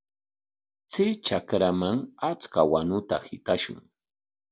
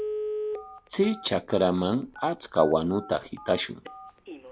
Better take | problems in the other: first | background sound (Telephone); 10 dB below the speech

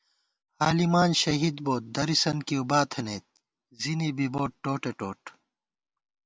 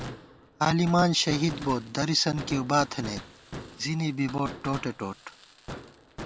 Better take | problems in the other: first | background sound (Fireworks); 14 dB below the speech

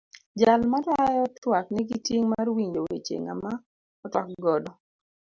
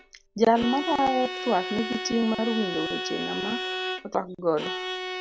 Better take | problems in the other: first | background sound (Bowed string instrument); 6 dB below the speech

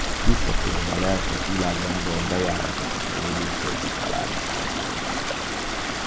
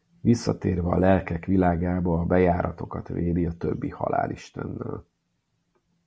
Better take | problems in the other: second | background sound (Stream); 5 dB above the speech

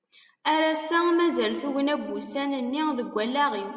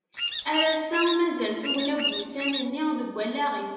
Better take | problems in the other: first | background sound (Bird vocalization, bird call, bird song); 4 dB below the speech // room echo; dies away in 0.8 s

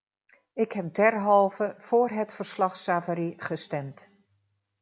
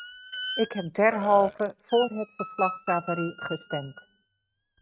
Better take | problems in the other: first | noise reduction (neural mask model RNNoise)

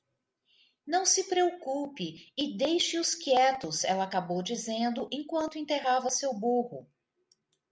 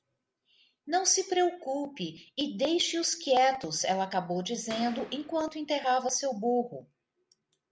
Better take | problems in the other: first | background sound (Boom); 15 dB below the speech

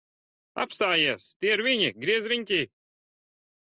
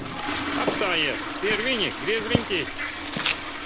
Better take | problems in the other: first | background sound (Toilet flush + Walk, footsteps); as loud as the speech

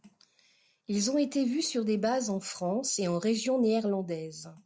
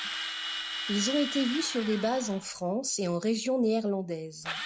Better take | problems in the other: first | background sound (Drill); 8 dB below the speech

